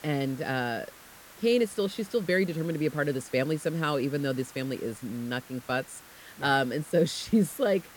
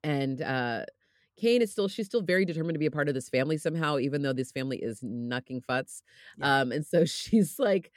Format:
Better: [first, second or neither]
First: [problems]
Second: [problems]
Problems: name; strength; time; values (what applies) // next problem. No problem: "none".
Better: second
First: hiss; noticeable; throughout; 20 dB below the speech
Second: none